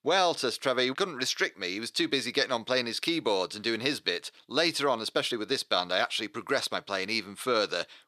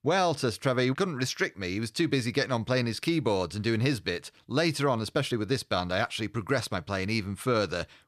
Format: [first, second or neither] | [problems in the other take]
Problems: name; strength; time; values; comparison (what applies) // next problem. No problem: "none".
second | thin; somewhat; fading below 350 Hz